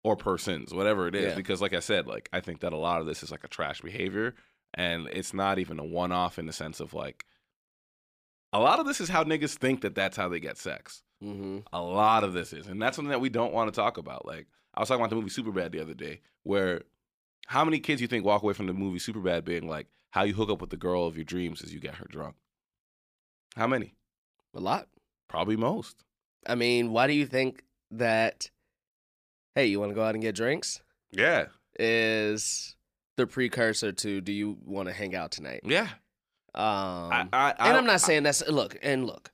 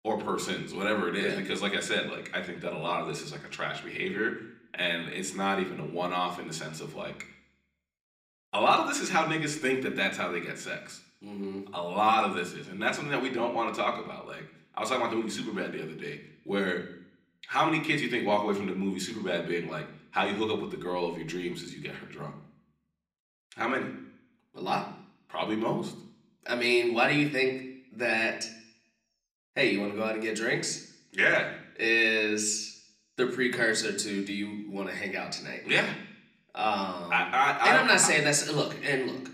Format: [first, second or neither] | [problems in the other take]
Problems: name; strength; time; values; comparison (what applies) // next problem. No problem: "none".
first | room echo; very slight; dies away in 0.6 s